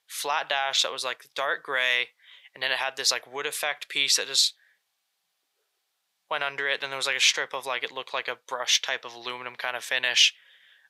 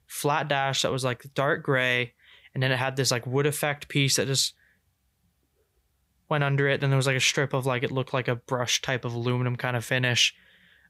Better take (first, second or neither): second